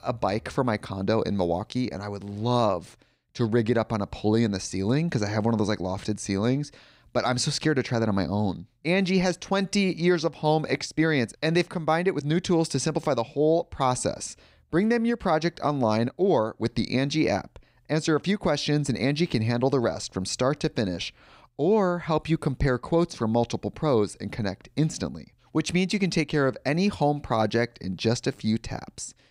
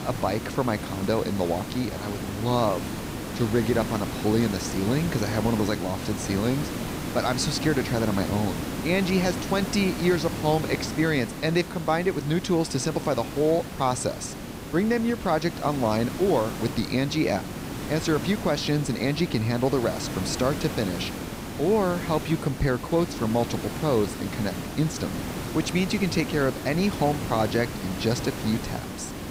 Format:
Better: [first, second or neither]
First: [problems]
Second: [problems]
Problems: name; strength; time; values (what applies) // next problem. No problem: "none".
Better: first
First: none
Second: hiss; loud; throughout; 7 dB below the speech